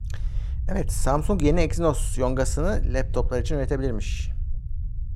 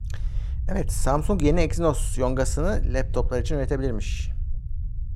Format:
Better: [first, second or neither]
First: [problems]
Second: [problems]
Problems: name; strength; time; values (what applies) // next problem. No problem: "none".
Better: neither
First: low rumble; faint; throughout; 20 dB below the speech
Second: low rumble; faint; throughout; 20 dB below the speech